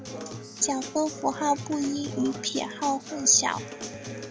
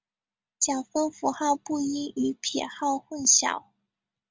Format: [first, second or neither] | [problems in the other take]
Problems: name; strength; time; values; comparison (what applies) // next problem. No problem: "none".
second | background sound (Acoustic guitar); 10 dB below the speech